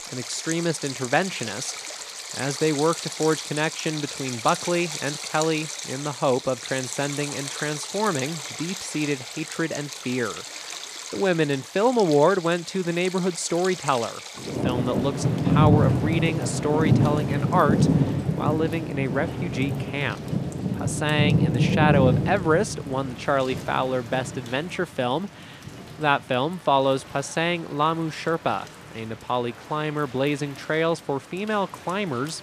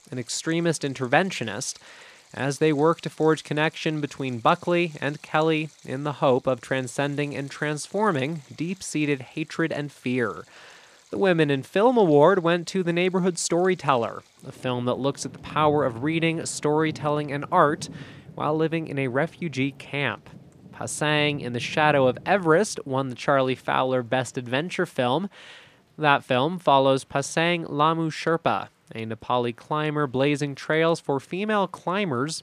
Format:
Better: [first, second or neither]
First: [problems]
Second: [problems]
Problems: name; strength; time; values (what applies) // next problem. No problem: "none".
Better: second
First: rain or running water; loud; throughout; 2 dB below the speech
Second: rain or running water; faint; throughout; 25 dB below the speech